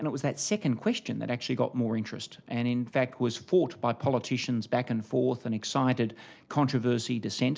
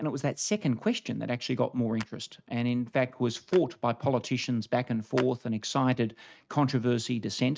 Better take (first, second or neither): first